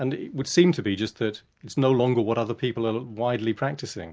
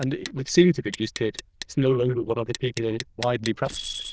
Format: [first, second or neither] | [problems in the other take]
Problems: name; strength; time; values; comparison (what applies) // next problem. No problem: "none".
first | noise reduction (neural diffusion model UNIVERSE++)